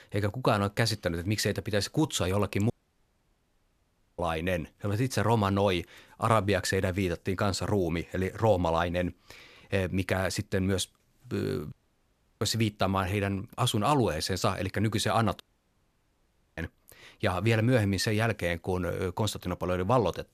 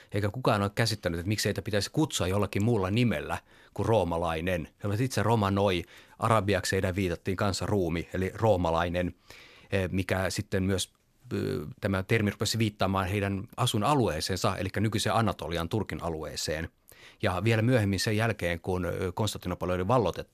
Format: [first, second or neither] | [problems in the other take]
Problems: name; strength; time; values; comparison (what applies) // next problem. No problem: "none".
second | audio cutting out; at 2.5 s for 1.5 s, at 12 s for 0.5 s and at 15 s for 1 s